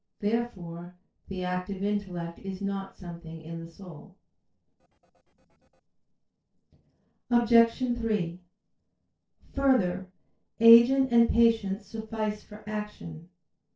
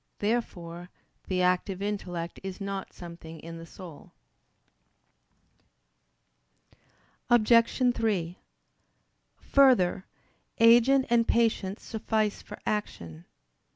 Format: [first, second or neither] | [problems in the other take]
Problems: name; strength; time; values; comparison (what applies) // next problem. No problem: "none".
second | noise reduction (neural separator model SepFormer DNS4)